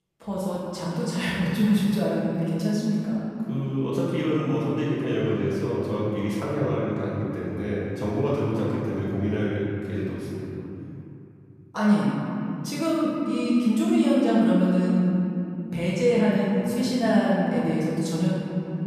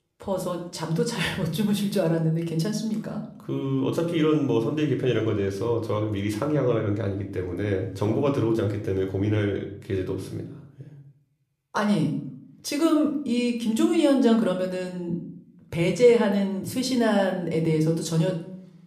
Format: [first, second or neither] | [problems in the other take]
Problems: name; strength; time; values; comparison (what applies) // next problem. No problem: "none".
second | room echo; strong; dies away in 2.6 s; slight in the second // off-mic speech; far; somewhat distant in the second